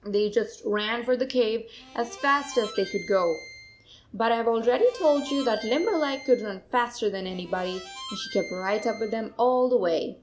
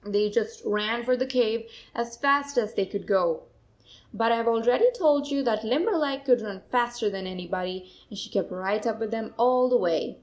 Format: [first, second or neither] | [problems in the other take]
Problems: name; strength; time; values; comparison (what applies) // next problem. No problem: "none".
second | background sound (Harmonica); 16 dB below the speech